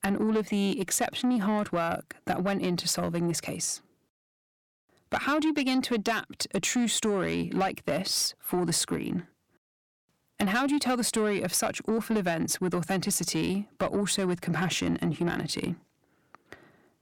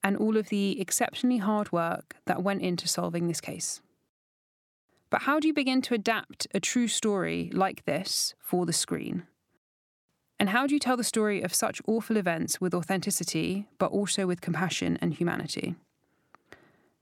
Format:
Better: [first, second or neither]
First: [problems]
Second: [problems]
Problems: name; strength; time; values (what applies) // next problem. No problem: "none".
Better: second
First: distortion; slight; 10 dB below the speech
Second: none